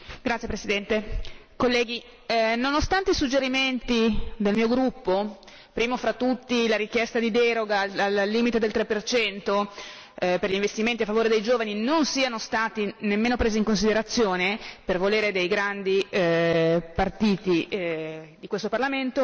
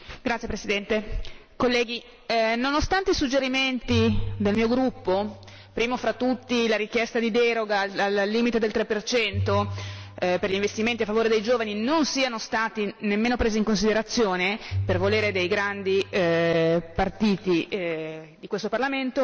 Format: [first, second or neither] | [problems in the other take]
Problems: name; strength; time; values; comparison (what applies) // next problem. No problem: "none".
first | background sound (Bowed string instrument); 10 dB below the speech